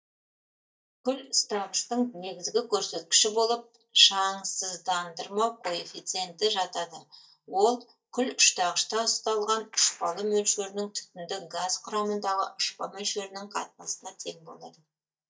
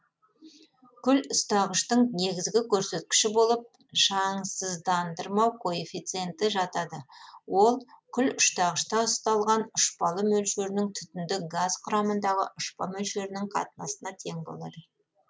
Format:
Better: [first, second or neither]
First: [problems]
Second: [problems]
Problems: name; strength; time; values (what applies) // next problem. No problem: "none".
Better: second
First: noise reduction (neural mask model DeepFilterNet 3)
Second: none